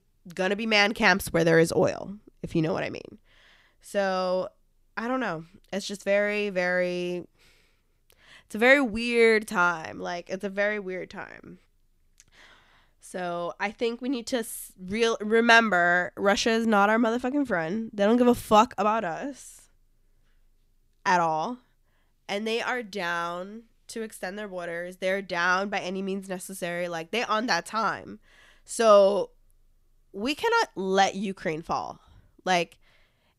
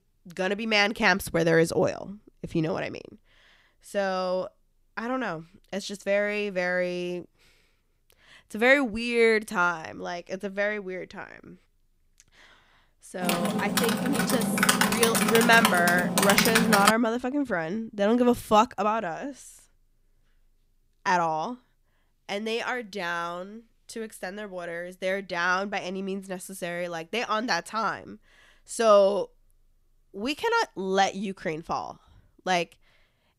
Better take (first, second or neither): first